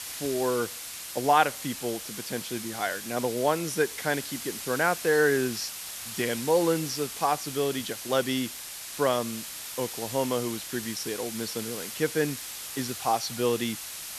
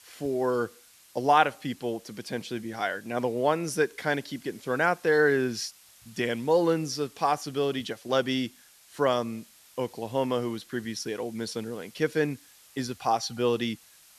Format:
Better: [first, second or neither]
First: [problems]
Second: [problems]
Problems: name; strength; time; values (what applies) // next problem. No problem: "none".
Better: second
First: hiss; loud; throughout; 7 dB below the speech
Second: hiss; faint; throughout; 25 dB below the speech